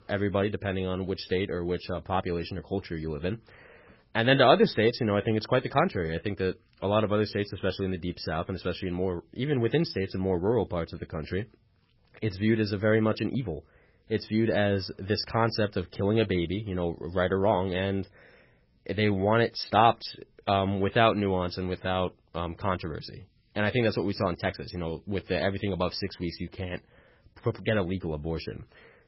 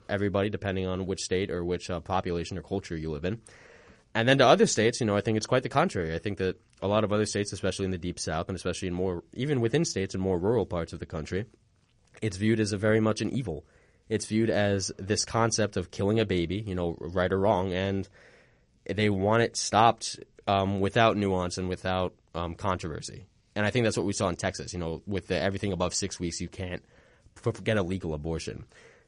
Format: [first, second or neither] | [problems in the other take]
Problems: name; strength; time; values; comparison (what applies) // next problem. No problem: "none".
second | garbled, watery; badly; nothing above 5.5 kHz; slightly in the second